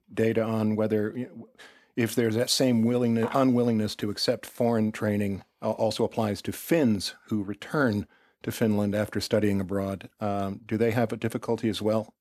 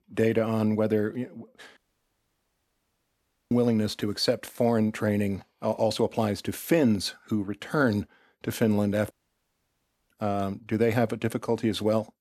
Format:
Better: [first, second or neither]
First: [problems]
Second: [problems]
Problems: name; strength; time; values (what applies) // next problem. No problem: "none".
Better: first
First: none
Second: audio cutting out; at 2 s for 1.5 s and at 9 s for 1 s